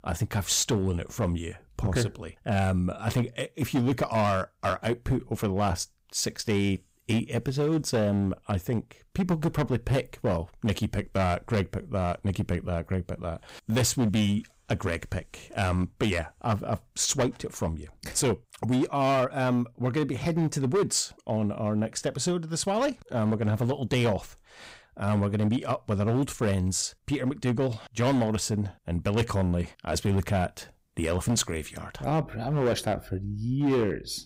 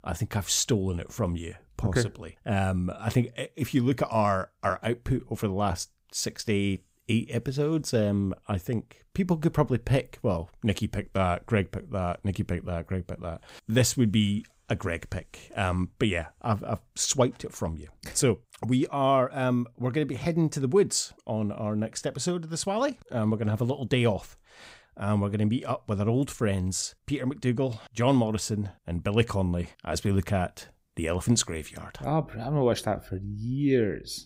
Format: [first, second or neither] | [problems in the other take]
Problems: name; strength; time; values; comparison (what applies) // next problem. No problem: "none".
second | distortion; slight; 8% of the sound clipped